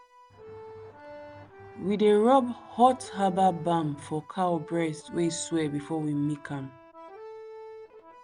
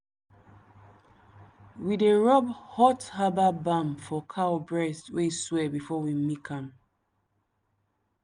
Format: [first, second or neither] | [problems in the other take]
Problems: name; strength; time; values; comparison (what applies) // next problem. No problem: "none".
second | background sound (Accordion); 18 dB below the speech